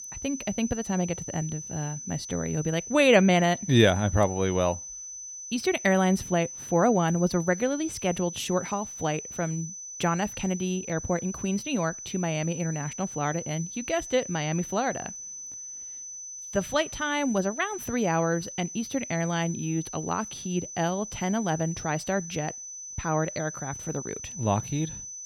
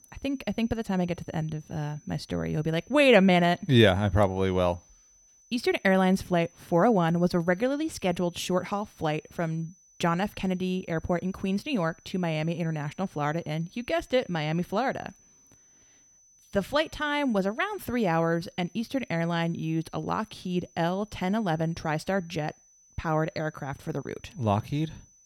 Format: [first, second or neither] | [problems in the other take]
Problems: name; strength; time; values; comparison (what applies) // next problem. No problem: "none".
second | high-pitched whine; loud; throughout; 6 kHz, 9 dB below the speech; faint in the second